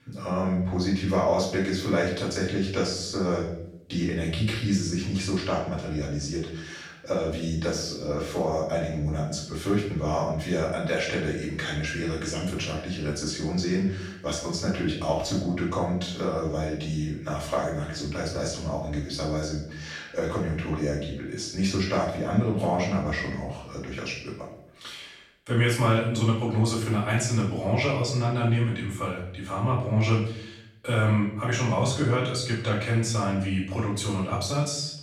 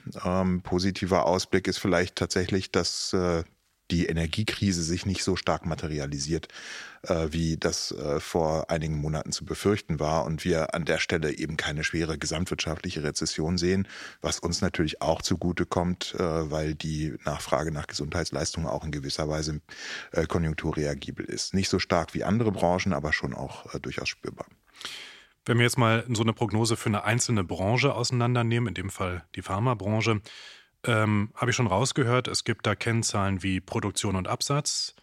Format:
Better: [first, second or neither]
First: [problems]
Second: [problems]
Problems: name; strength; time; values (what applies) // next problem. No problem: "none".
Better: second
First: room echo; noticeable; dies away in 0.7 s // off-mic speech; far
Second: none